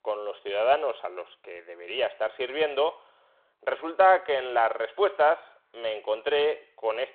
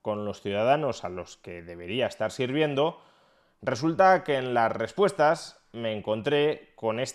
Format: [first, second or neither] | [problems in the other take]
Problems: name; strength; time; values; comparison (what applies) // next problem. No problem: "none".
second | phone-call audio